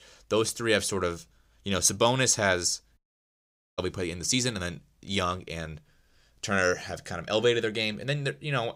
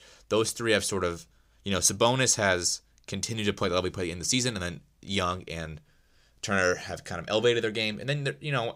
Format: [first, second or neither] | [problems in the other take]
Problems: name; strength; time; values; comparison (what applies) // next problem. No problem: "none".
second | audio cutting out; at 3 s for 1 s